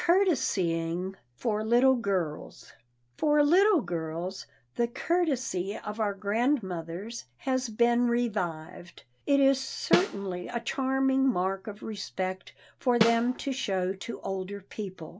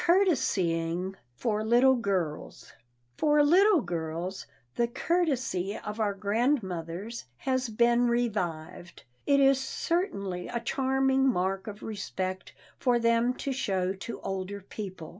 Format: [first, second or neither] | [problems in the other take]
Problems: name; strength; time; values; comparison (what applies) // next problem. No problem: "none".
second | background sound (Snare drum); 4 dB below the speech